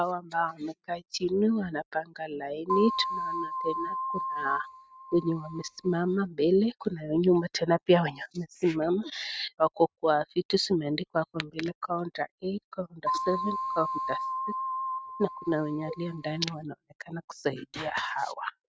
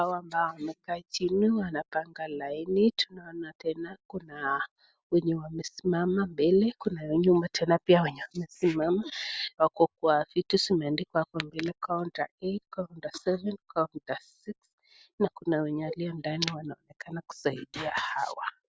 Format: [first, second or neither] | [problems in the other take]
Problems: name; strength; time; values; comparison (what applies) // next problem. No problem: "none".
second | noise reduction (neural mask model RNNoise)